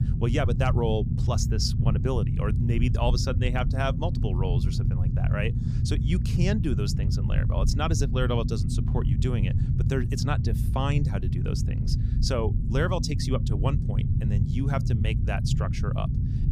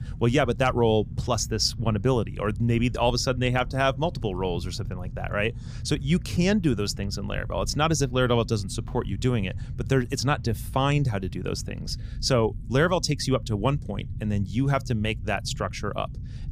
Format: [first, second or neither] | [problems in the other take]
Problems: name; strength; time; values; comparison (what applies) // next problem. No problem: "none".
second | low rumble; loud; throughout; 6 dB below the speech; faint in the second